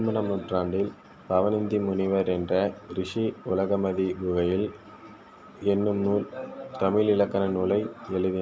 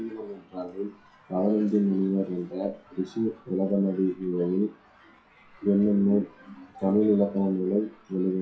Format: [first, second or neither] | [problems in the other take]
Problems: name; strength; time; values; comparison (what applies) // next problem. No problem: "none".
first | noise reduction (classical method WPE with log-MMSE)